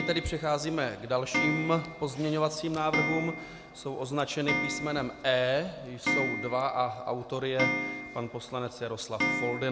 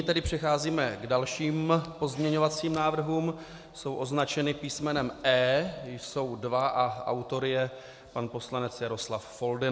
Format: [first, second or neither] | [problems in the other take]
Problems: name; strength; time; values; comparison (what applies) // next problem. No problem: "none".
second | background sound (Clock); 4 dB below the speech